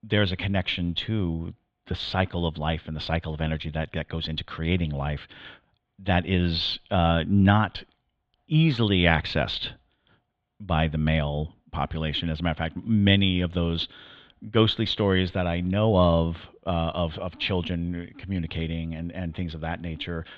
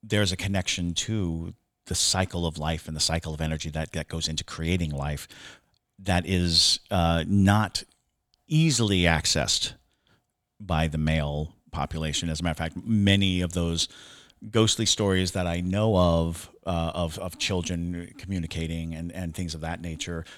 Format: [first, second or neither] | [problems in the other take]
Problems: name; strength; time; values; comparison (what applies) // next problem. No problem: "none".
second | muffled; very; fading above 3.5 kHz